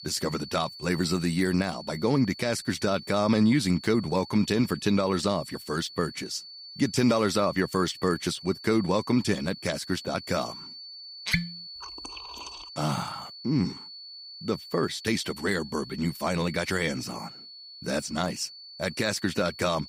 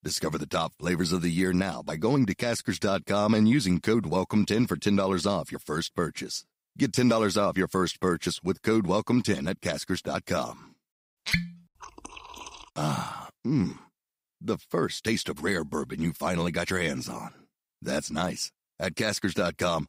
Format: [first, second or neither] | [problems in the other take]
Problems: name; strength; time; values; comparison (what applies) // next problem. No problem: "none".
second | high-pitched whine; noticeable; throughout; 4.5 kHz, 15 dB below the speech